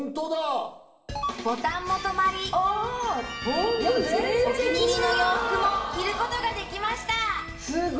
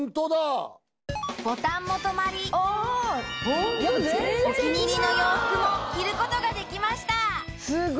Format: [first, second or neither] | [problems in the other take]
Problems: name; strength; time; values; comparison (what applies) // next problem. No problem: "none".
second | room echo; dies away in 0.8 s